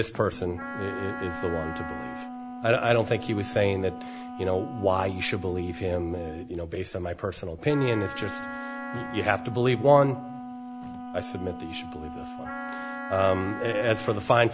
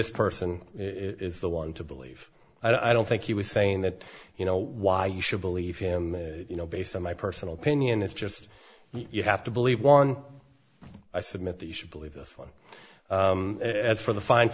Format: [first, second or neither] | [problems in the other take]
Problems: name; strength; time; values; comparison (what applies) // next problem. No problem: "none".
second | background sound (Wind instrument, woodwind instrument + Wind instrument, woodwind instrument); 10 dB below the speech